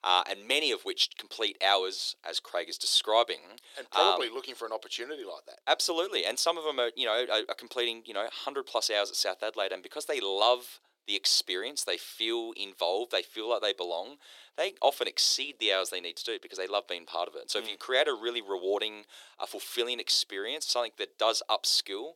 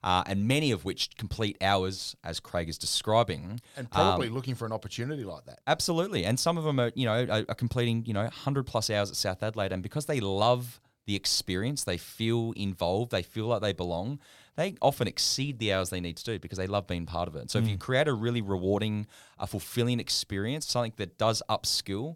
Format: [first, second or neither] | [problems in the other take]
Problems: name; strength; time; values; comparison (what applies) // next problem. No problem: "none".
second | thin; very; fading below 350 Hz